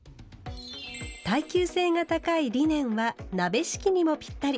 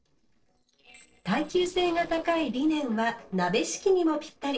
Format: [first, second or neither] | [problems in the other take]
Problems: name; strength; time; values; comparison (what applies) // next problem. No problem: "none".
first | noise reduction (neural separator model SepFormer DNS4)